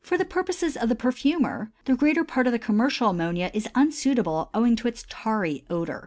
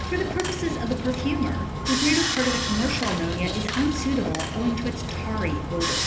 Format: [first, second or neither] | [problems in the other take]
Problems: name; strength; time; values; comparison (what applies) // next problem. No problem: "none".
first | background sound (Sawing); 1 dB below the speech // room echo; dies away in 0.8 s